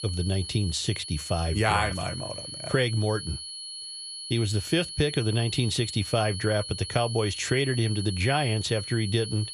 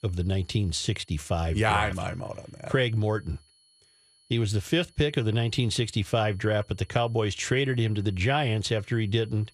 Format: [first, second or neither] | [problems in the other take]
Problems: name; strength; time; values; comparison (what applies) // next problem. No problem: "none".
second | high-pitched whine; loud; throughout; 4.5 kHz, 8 dB below the speech; faint in the second